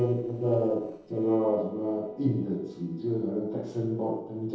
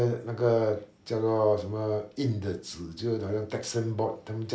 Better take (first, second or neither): second